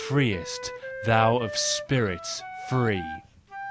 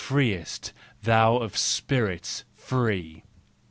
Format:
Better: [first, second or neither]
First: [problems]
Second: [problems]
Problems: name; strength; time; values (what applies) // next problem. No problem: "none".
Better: second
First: background sound (Wind instrument, woodwind instrument); 10 dB below the speech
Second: none